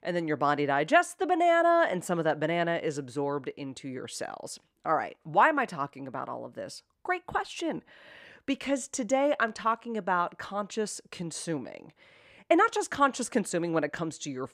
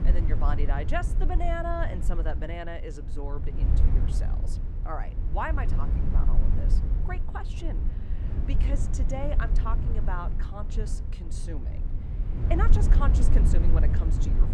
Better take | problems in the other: first | low rumble; loud; throughout; 7 dB below the speech

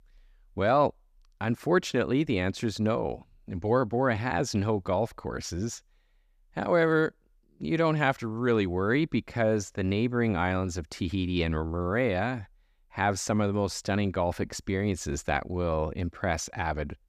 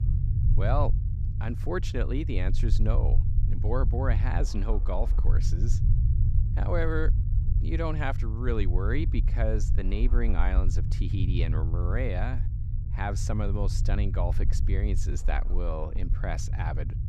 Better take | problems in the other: first | low rumble; loud; throughout; 9 dB below the speech

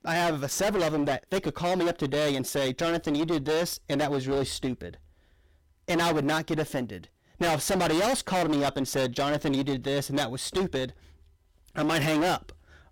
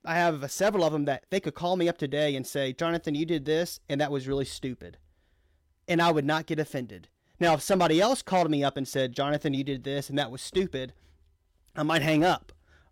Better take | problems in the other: second | distortion; heavy; 24% of the sound clipped

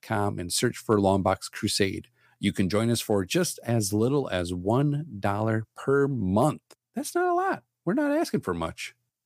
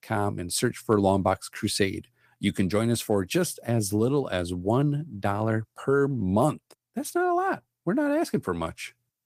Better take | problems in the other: first | garbled, watery; slightly; nothing above 15 kHz

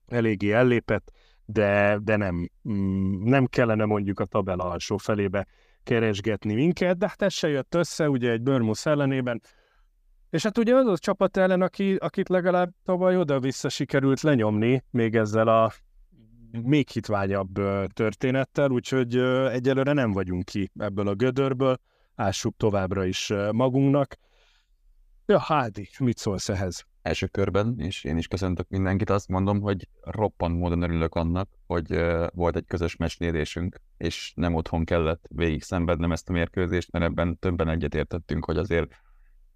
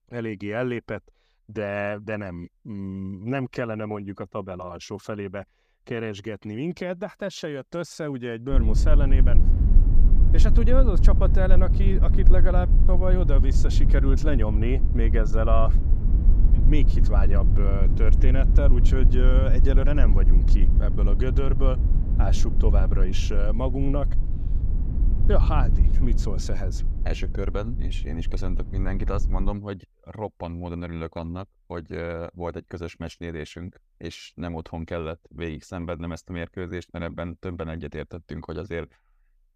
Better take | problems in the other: first | low rumble; loud; from 8.5 to 30 s; 8 dB below the speech

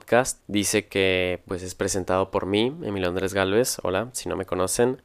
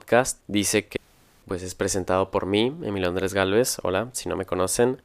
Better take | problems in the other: first | audio cutting out; at 1 s

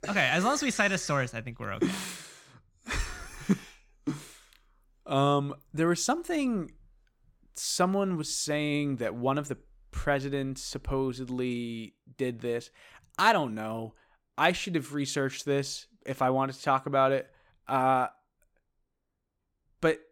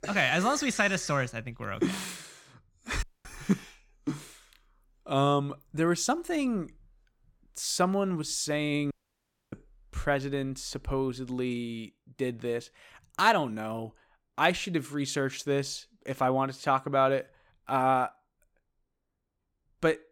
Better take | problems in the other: first | audio cutting out; at 3 s and at 9 s for 0.5 s

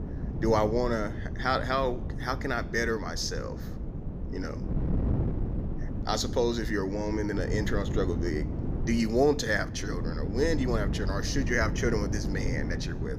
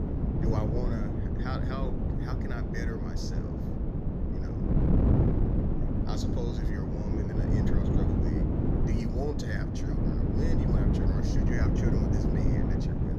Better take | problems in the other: first | wind noise on the microphone; heavy; 4 dB above the speech; occasional gusts in the first

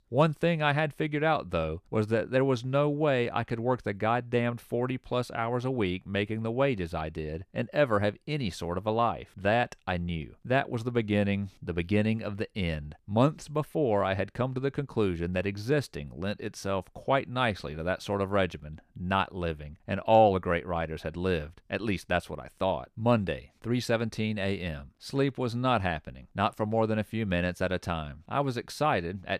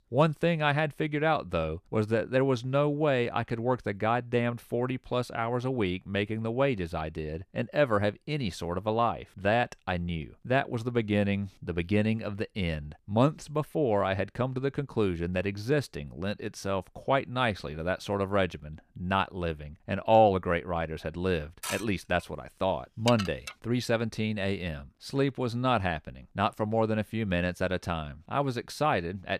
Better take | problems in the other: first | clattering dishes; noticeable; from 22 to 24 s; peak 6 dB below the speech

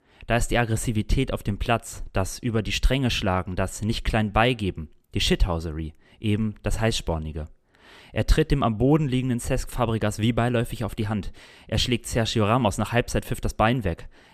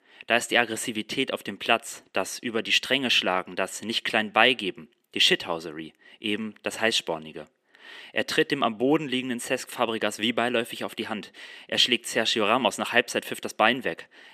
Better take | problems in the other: first | thin; somewhat; fading below 250 Hz

